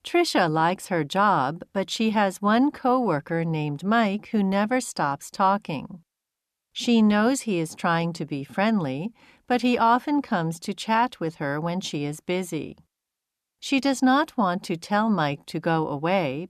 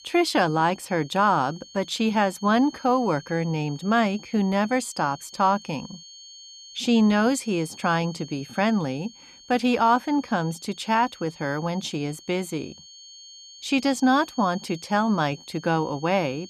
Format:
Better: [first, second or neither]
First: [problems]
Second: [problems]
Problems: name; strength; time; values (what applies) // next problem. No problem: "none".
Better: first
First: none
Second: high-pitched whine; noticeable; throughout; 4.5 kHz, 20 dB below the speech